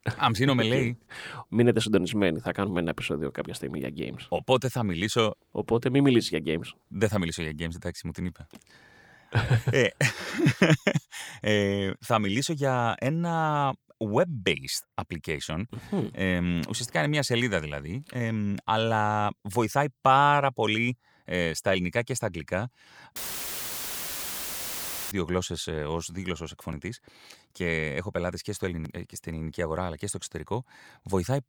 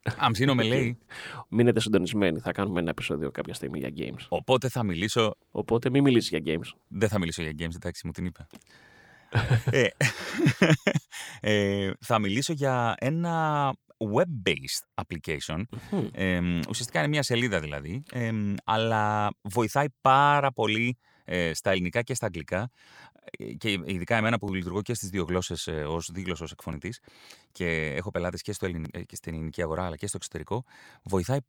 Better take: second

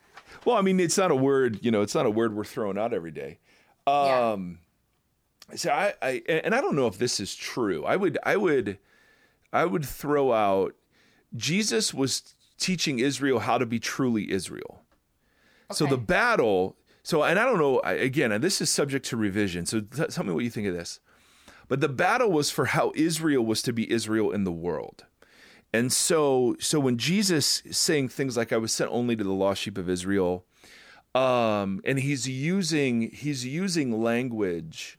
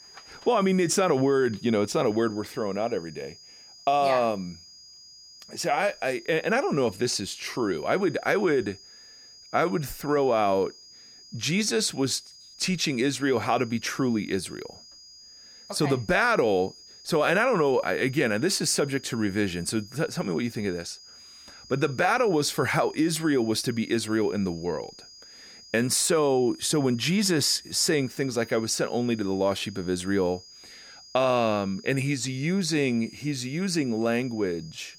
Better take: first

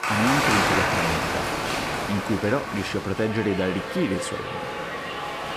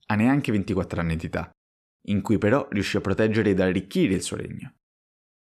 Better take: second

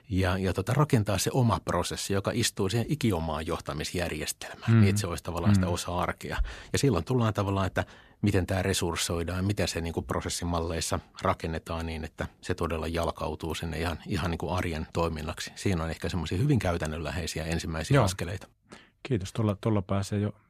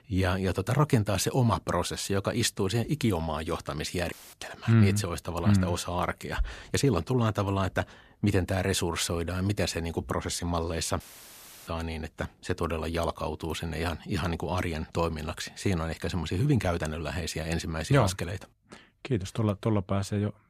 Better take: first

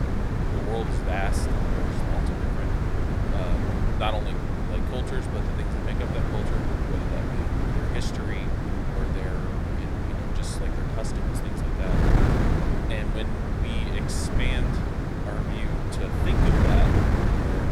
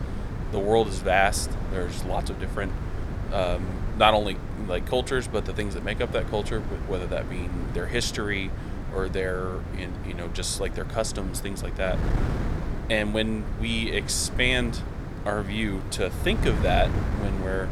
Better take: second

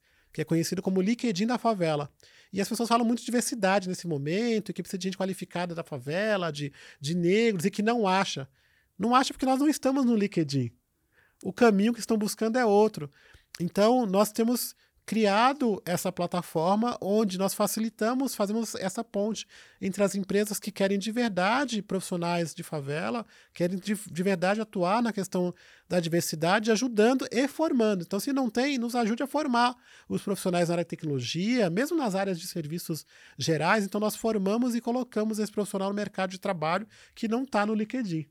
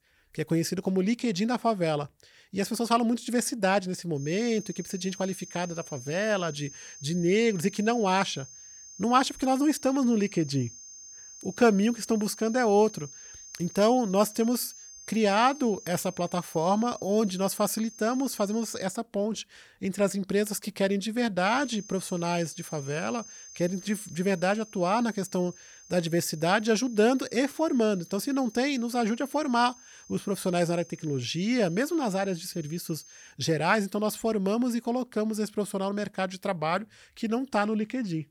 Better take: first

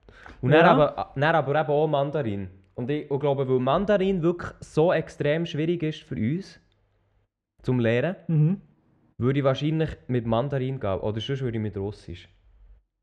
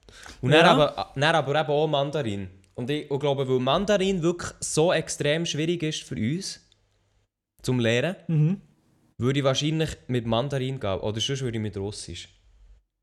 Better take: second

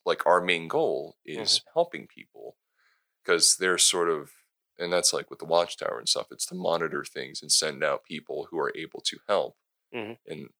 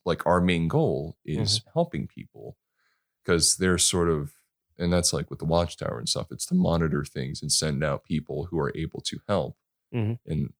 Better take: second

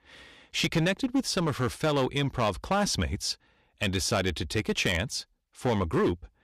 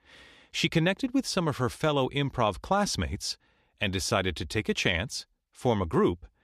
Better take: second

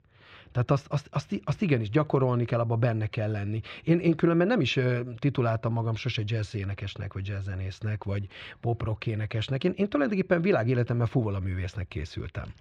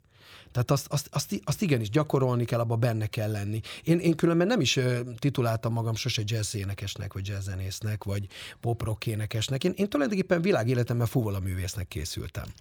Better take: second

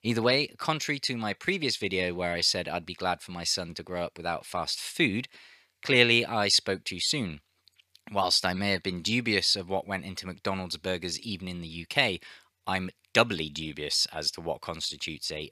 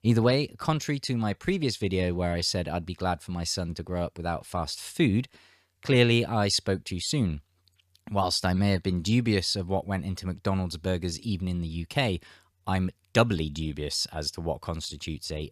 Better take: second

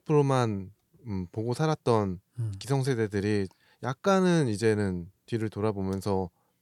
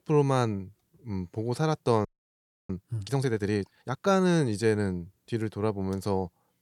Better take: first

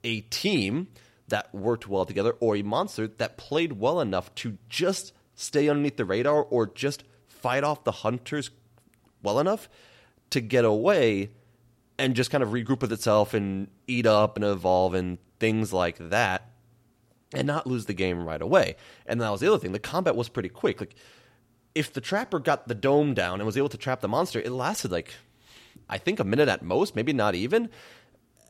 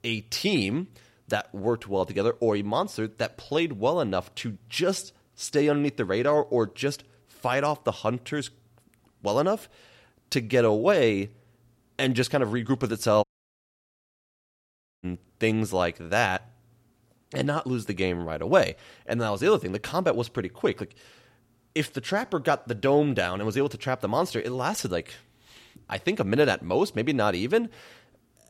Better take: first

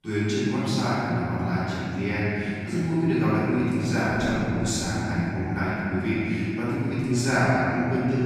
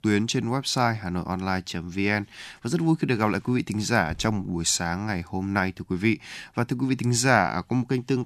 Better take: second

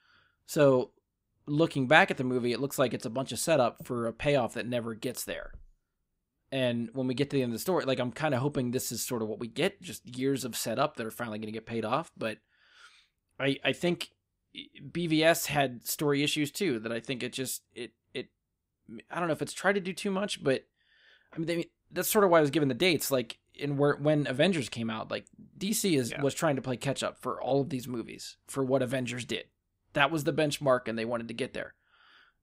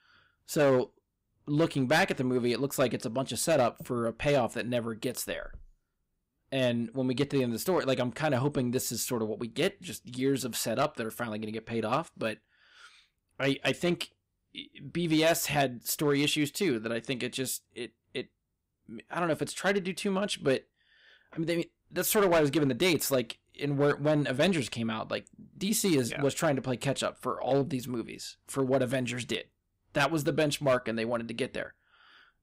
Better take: first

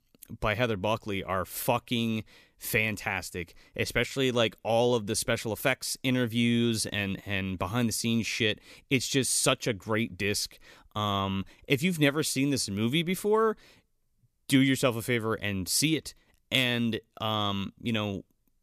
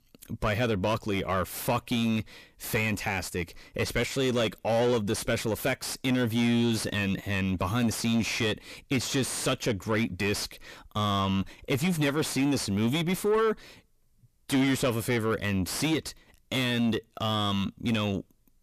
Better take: first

